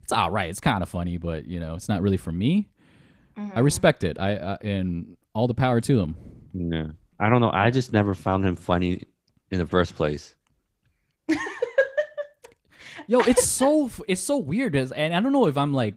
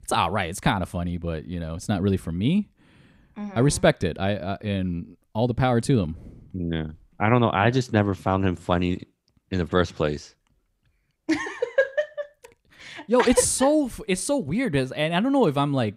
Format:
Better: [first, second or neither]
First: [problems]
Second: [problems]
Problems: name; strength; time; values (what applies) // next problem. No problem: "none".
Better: second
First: garbled, watery; slightly; nothing above 15.5 kHz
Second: none